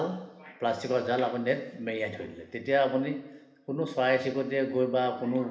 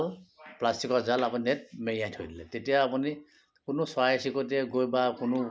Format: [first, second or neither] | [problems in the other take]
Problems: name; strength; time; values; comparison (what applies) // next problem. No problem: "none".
second | room echo; dies away in 1.1 s